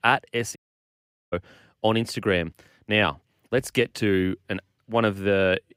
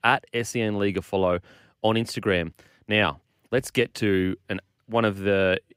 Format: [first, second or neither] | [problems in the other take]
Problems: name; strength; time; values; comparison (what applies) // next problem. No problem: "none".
second | audio cutting out; at 0.5 s for 1 s